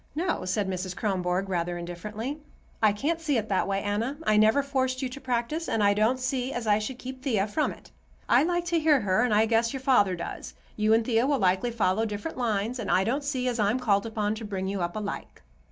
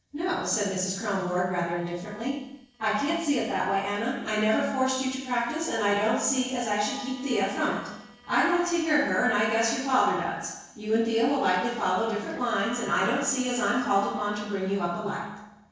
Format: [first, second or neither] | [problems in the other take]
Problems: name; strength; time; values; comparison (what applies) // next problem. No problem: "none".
first | noise reduction (neural separator model SepFormer DNS4)